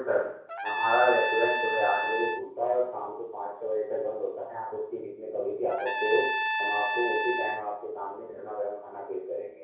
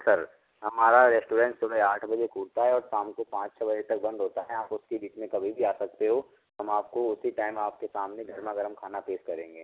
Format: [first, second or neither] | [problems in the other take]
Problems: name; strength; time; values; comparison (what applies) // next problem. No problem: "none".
second | background sound (Trumpet); 1 dB below the speech // room echo; dies away in 0.6 s